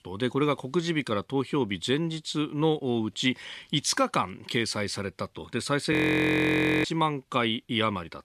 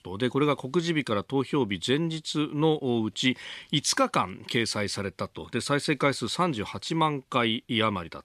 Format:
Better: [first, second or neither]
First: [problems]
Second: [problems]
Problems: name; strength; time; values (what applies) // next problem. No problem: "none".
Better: second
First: audio freezing; at 6 s for 1 s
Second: none